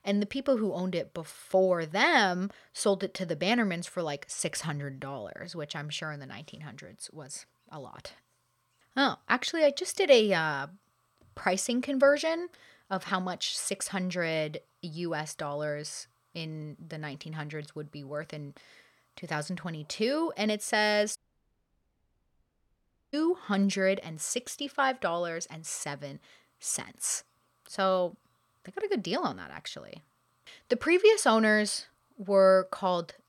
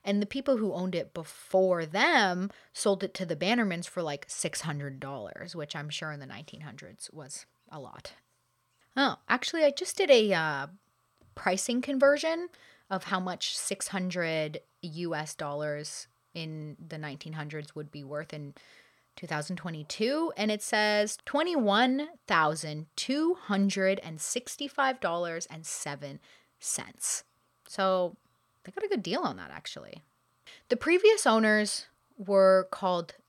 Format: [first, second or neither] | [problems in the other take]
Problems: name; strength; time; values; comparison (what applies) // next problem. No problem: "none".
second | audio cutting out; at 21 s for 2 s